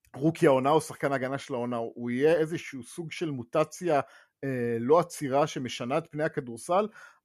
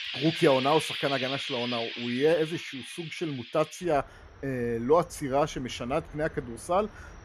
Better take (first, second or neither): first